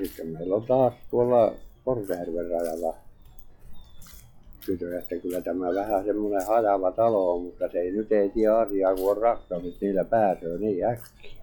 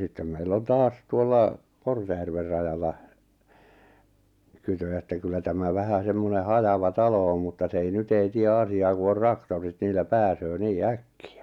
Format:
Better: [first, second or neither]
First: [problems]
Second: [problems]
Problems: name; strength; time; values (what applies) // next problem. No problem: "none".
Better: second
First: noise reduction (classical method log-MMSE)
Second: none